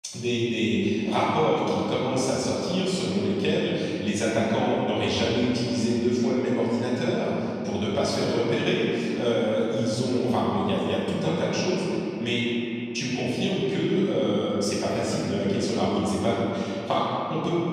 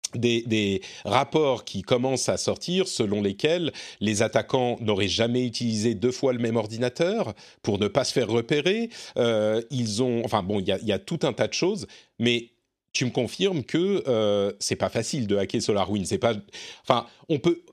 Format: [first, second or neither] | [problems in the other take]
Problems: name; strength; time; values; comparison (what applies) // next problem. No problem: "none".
second | off-mic speech; far // room echo; strong; dies away in 3 s